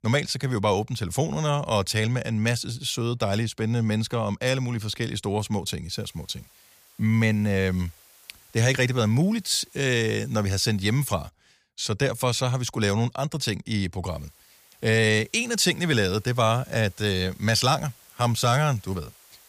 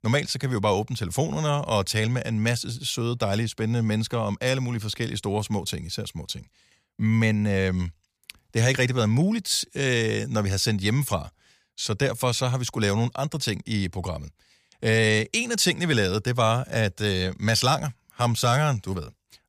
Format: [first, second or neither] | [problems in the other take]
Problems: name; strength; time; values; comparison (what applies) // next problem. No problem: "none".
second | hiss; faint; from 6 to 11 s and from 14 s on; 25 dB below the speech